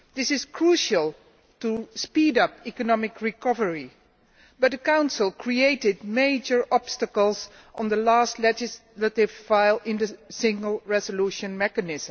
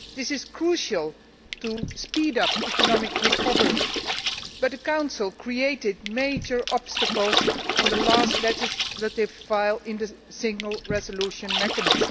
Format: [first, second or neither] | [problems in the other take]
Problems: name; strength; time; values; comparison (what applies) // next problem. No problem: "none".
first | background sound (Water / Splash, splatter); as loud as the speech